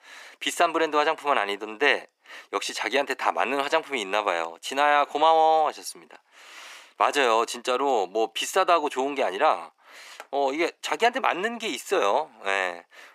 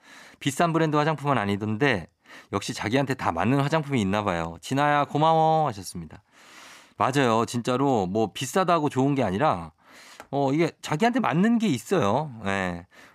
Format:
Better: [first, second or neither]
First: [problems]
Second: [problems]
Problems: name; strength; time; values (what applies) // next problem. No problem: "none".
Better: second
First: thin; very; fading below 400 Hz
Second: none